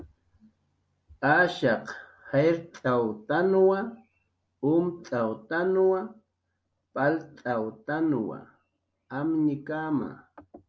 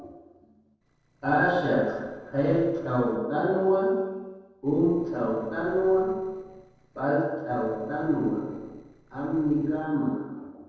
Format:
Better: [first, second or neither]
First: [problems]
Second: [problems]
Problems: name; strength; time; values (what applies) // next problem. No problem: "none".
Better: first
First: none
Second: noise reduction (neural separator model SepFormer DNS4)